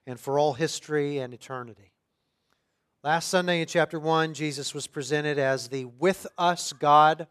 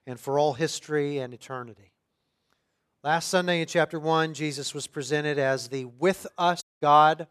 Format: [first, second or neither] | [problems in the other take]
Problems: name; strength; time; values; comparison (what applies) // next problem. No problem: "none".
first | audio cutting out; at 6.5 s